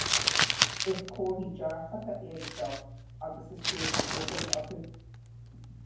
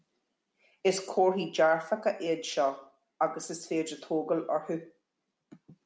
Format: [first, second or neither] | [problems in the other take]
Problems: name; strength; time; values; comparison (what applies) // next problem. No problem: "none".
second | background sound (Crumpling, crinkling); 5 dB above the speech // room echo; dies away in 0.9 s